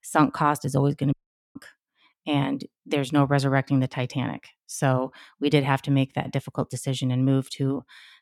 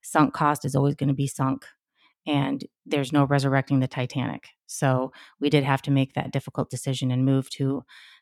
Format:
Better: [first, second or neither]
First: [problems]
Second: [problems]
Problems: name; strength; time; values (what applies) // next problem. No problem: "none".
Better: second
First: audio cutting out; at 1 s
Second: none